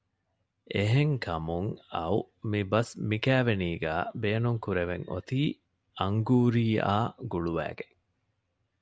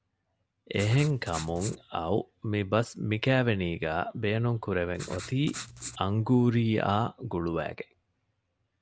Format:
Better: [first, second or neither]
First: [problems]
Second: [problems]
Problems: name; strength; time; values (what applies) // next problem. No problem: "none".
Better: first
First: none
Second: background sound (Writing); 13 dB below the speech